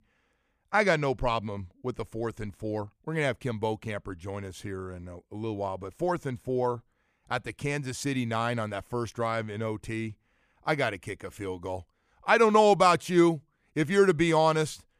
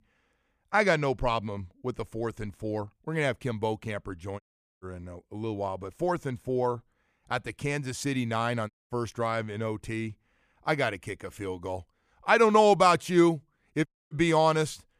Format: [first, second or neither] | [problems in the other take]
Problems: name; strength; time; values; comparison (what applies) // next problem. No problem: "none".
first | audio cutting out; at 4.5 s, at 8.5 s and at 14 s